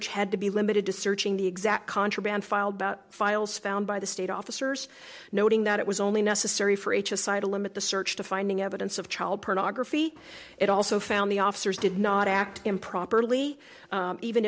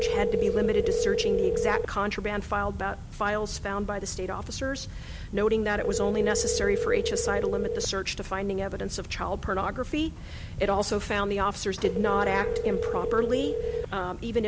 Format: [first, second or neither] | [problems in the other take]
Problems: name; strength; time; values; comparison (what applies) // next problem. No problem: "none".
first | background sound (Telephone); 2 dB below the speech